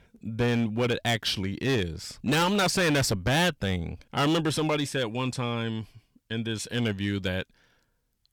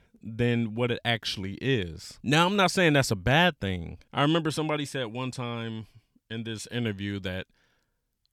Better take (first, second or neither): second